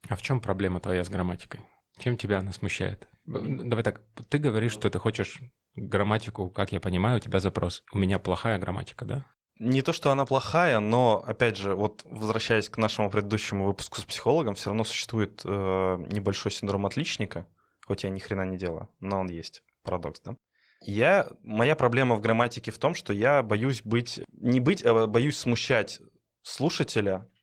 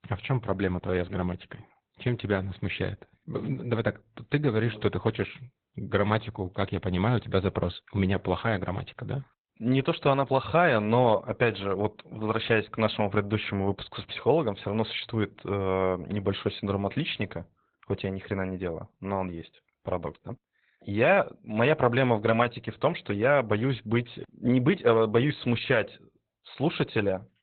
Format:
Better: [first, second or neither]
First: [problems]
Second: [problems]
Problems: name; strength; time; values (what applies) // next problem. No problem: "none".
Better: first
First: garbled, watery; slightly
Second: garbled, watery; badly; nothing above 4 kHz